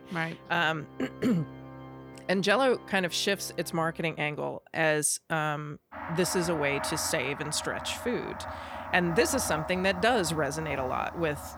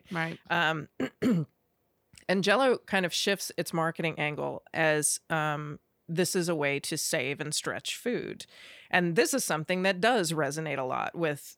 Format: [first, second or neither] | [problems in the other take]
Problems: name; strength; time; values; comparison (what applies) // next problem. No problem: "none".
second | background music; noticeable; throughout; 10 dB below the speech